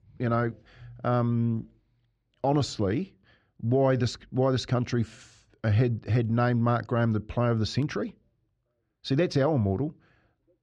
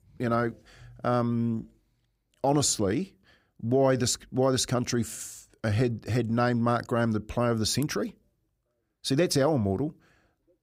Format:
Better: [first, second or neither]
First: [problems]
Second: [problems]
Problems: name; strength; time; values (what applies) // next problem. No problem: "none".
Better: second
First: muffled; slightly; fading above 4 kHz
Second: none